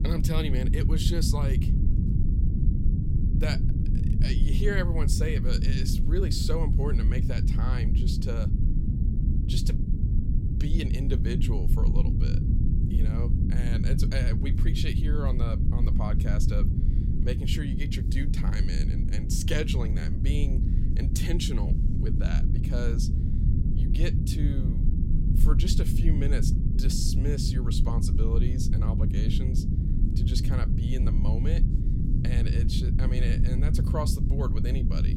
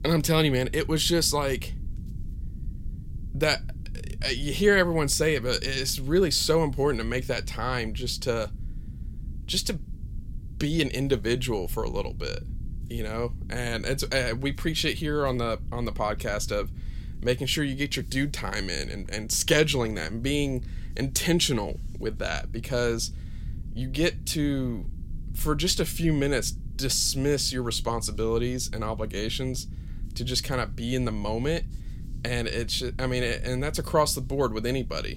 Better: second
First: low rumble; loud; throughout; 2 dB below the speech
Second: low rumble; faint; throughout; 25 dB below the speech

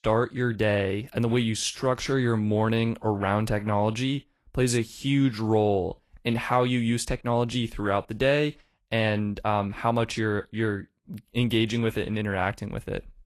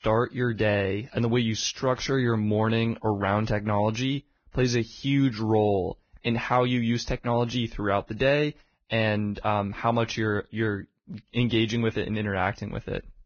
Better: first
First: garbled, watery; slightly; nothing above 11.5 kHz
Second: garbled, watery; badly; nothing above 6.5 kHz

